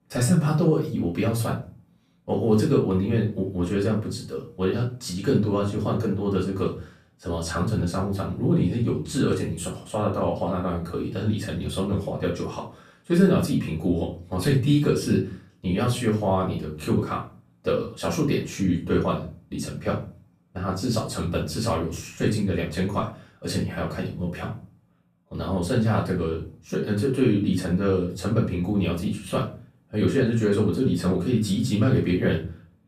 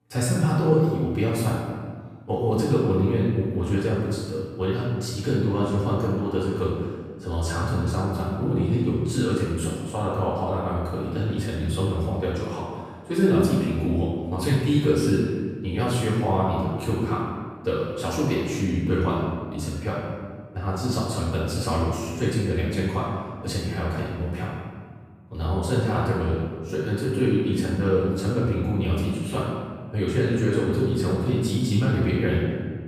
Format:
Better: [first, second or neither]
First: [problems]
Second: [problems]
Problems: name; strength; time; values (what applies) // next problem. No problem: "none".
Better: first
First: room echo; slight; dies away in 0.3 s // off-mic speech; far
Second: room echo; strong; dies away in 1.5 s // off-mic speech; far